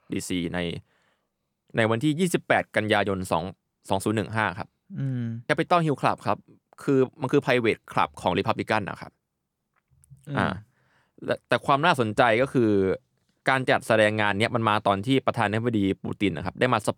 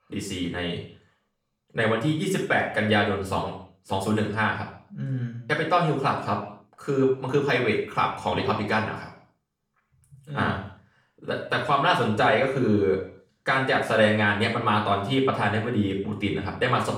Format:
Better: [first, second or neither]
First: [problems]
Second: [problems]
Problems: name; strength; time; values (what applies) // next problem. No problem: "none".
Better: first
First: none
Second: room echo; noticeable; dies away in 0.5 s // off-mic speech; far